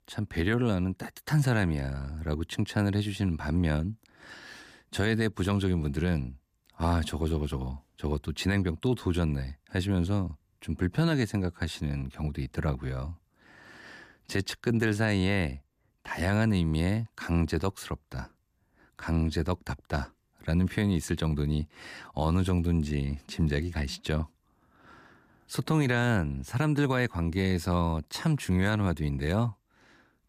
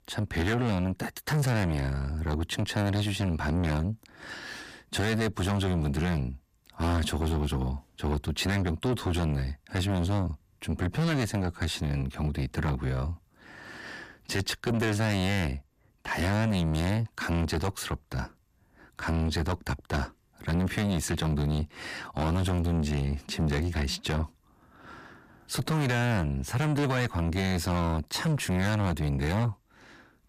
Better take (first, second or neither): first